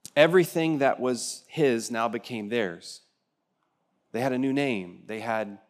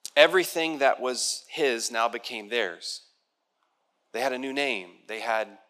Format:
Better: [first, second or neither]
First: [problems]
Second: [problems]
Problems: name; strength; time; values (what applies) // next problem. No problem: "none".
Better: first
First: none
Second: thin; somewhat; fading below 500 Hz